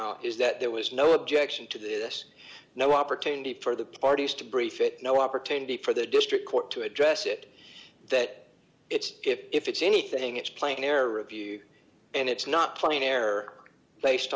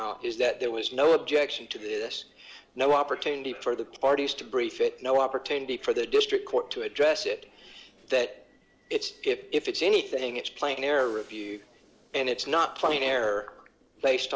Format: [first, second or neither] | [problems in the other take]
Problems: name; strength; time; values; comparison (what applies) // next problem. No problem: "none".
first | noise reduction (neural separator model SepFormer DNS4)